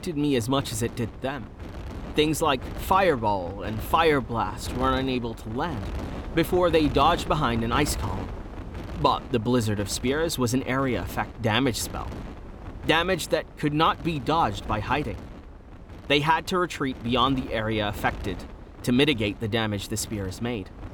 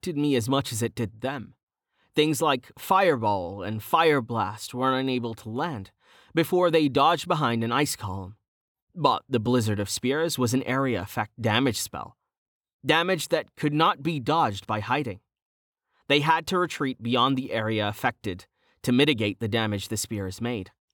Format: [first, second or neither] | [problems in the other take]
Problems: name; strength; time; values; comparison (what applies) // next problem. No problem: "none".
second | wind noise on the microphone; occasional gusts; 15 dB below the speech